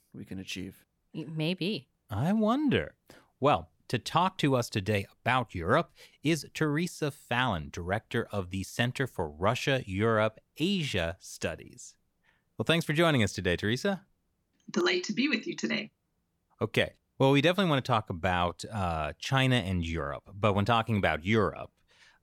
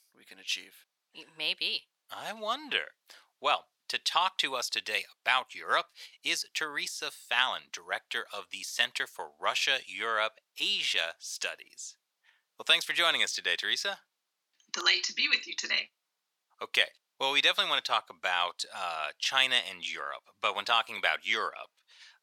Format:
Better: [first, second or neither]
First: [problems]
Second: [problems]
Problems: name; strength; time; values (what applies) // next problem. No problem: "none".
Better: first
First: none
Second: thin; very; fading below 900 Hz